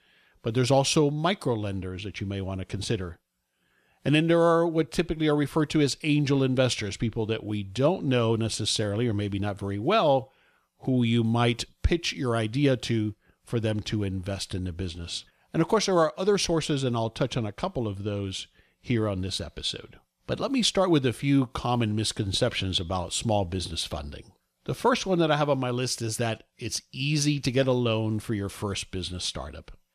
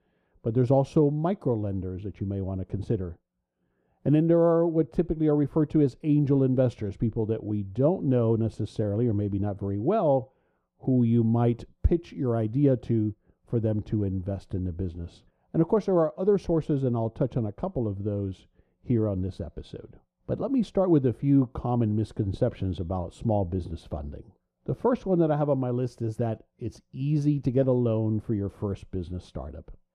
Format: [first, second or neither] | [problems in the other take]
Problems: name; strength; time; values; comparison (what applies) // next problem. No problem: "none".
first | muffled; very; fading above 1.5 kHz